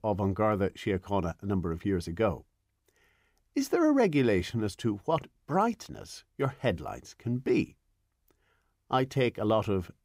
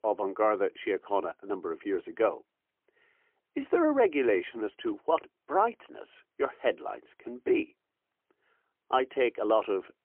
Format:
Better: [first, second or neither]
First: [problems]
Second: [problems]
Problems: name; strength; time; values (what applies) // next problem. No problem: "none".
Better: first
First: none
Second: phone-call audio; poor line; nothing above 3 kHz